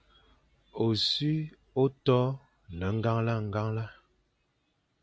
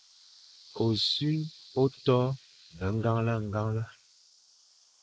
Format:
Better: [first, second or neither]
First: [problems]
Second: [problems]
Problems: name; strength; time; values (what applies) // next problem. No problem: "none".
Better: first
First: none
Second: noise reduction (neural mask model Resemble Enhance denoiser)